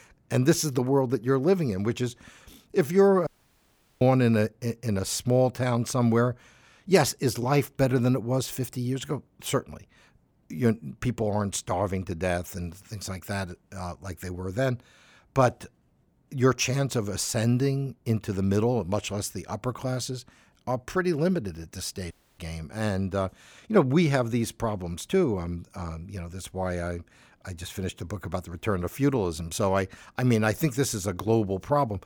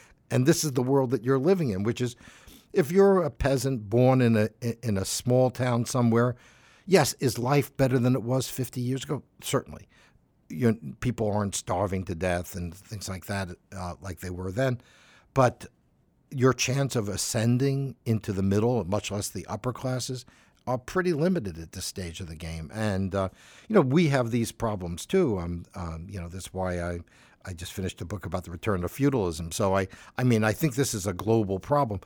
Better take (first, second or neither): second